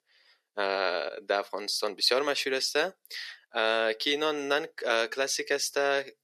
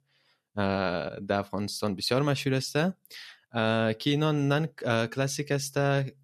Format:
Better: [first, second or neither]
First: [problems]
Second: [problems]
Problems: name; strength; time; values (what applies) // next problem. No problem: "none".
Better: second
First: thin; very; fading below 400 Hz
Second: none